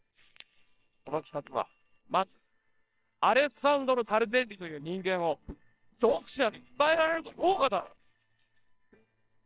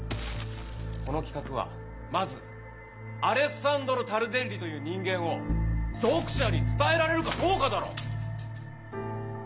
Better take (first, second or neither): second